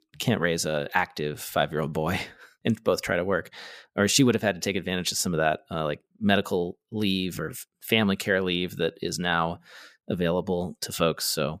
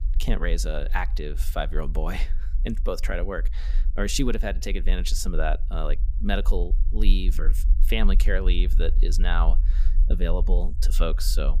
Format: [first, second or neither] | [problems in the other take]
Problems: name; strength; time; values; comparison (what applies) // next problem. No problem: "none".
first | low rumble; noticeable; throughout; 20 dB below the speech